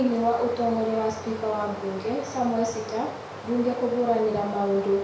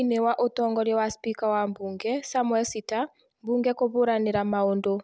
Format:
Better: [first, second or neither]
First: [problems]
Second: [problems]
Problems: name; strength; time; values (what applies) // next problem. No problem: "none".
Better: second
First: background sound (Stream); 12 dB below the speech // room echo; dies away in 0.6 s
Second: none